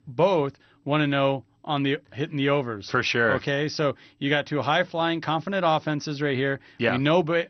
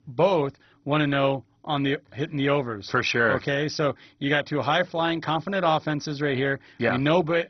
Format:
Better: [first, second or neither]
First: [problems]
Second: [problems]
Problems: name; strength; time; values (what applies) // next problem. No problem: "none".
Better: first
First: garbled, watery; slightly; nothing above 6 kHz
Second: garbled, watery; badly; nothing above 6 kHz